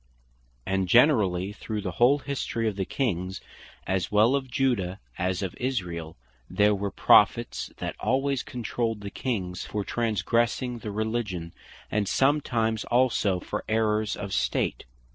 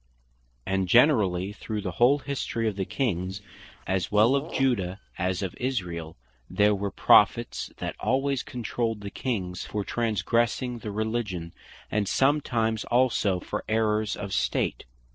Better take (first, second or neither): first